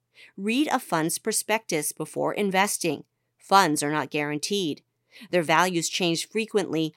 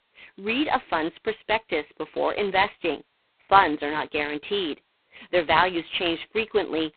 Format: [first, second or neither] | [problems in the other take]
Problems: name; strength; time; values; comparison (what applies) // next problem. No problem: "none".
first | phone-call audio; poor line; nothing above 4 kHz